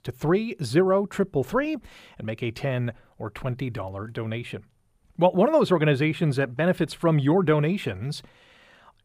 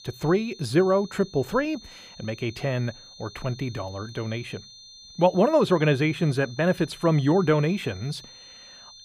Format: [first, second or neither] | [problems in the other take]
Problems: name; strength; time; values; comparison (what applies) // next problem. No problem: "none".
first | high-pitched whine; noticeable; throughout; 4 kHz, 20 dB below the speech